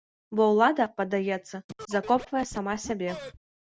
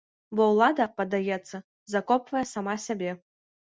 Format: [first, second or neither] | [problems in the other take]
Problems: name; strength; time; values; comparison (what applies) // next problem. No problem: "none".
second | background sound (Scratching (performance technique)); 15 dB below the speech